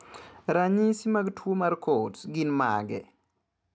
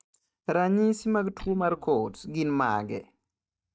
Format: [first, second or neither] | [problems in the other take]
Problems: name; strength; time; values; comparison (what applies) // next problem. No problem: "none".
first | noise reduction (neural mask model DeepFilterNet 3)